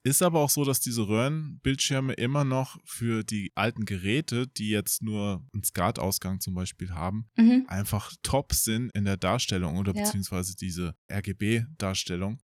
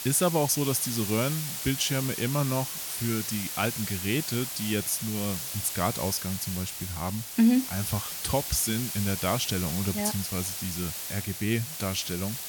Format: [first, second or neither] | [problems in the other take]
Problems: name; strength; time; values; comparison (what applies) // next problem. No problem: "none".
first | hiss; loud; throughout; 4 dB below the speech